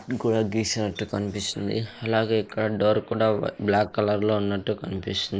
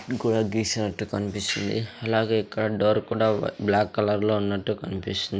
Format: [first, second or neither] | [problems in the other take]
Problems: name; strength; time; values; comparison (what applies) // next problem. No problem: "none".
second | noise reduction (neural mask model Resemble Enhance denoiser)